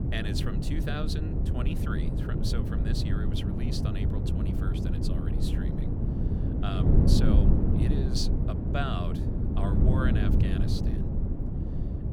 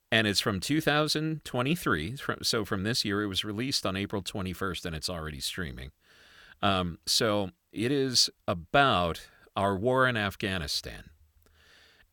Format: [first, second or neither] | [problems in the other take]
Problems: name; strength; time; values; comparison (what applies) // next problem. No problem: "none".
second | wind noise on the microphone; heavy; 1 dB above the speech